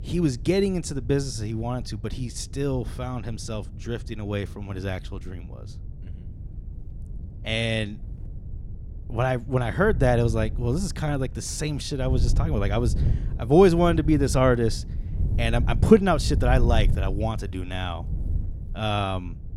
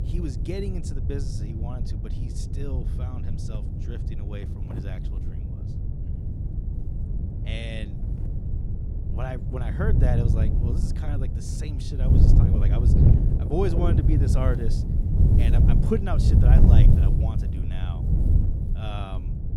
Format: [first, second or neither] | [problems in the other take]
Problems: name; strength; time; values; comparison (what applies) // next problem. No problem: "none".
first | wind noise on the microphone; heavy; 1 dB below the speech; occasional gusts in the first